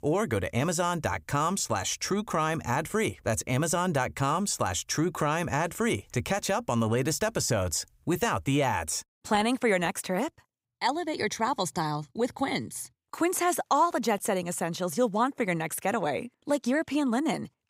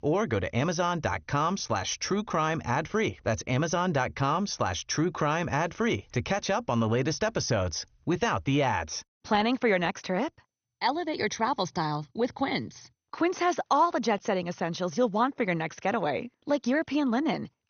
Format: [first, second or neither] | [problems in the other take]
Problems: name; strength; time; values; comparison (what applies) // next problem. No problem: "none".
first | garbled, watery; slightly; nothing above 6.5 kHz